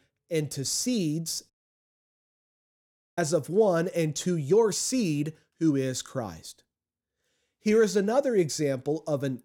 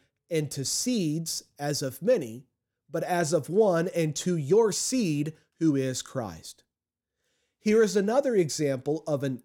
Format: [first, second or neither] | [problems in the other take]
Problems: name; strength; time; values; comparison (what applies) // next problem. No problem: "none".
second | audio cutting out; at 1.5 s for 1.5 s